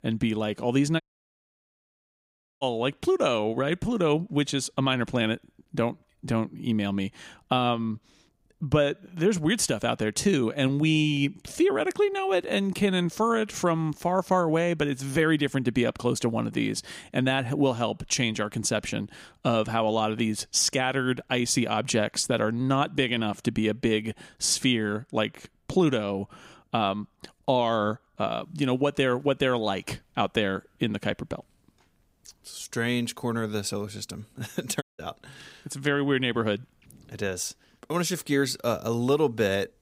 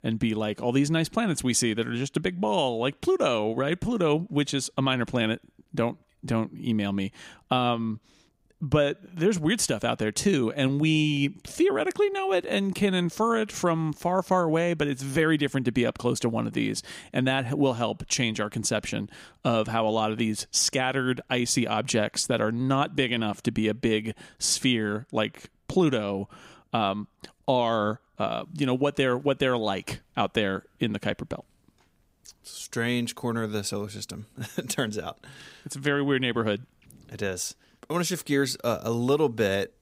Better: second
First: audio cutting out; at 1 s for 1.5 s and at 35 s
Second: none

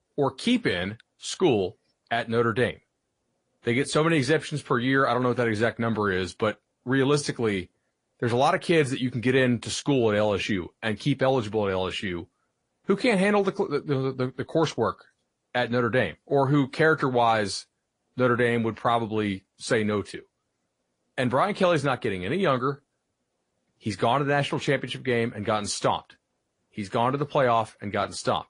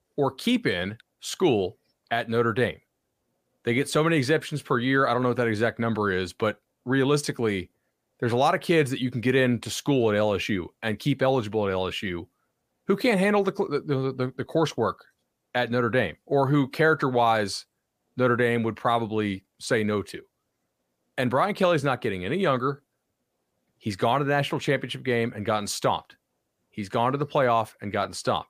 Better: second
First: garbled, watery; slightly; nothing above 10 kHz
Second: none

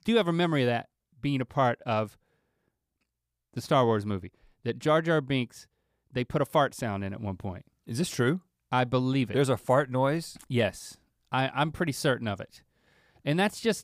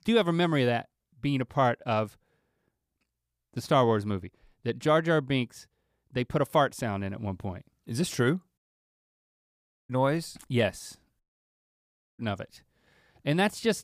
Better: first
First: none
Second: audio cutting out; at 8.5 s for 1.5 s and at 11 s for 1 s

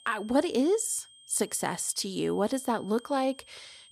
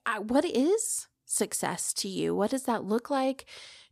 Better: second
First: high-pitched whine; faint; throughout; 3 kHz, 25 dB below the speech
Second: none

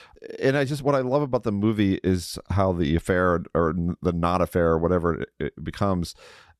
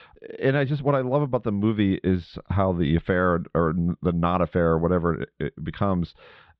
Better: first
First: none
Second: muffled; slightly; fading above 3.5 kHz

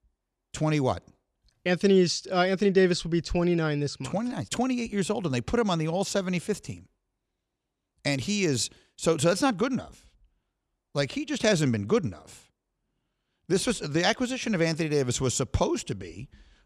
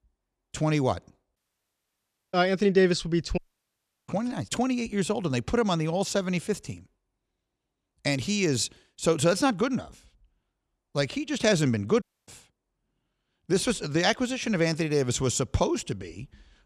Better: first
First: none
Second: audio cutting out; at 1.5 s for 1 s, at 3.5 s for 0.5 s and at 12 s

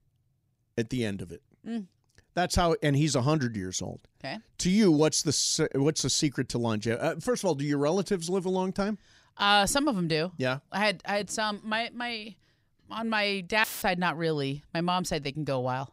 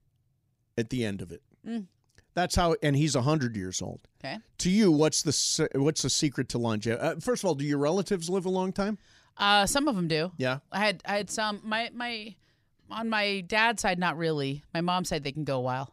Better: second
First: audio cutting out; filled with static; at 14 s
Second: none

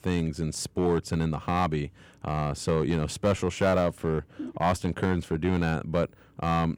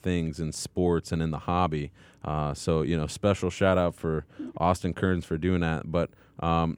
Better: second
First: distortion; slight; 3% of the sound clipped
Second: none

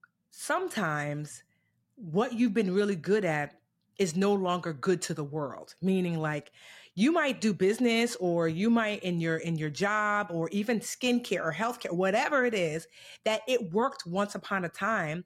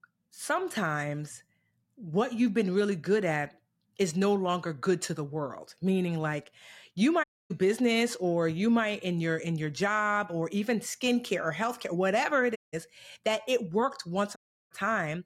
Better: first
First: none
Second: audio cutting out; at 7 s, at 13 s and at 14 s

